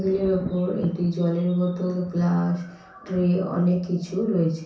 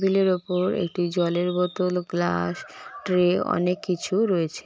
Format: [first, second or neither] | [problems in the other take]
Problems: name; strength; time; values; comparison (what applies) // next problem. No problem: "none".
second | background sound (Thunder); 19 dB below the speech // room echo; dies away in 0.6 s